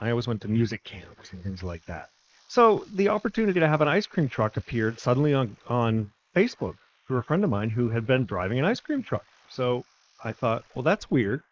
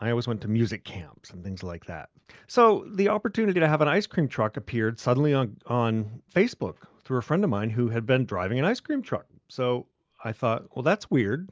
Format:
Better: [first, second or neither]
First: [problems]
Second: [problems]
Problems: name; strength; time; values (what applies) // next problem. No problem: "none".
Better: second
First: noise reduction (neural mask model Resemble Enhance denoiser)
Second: none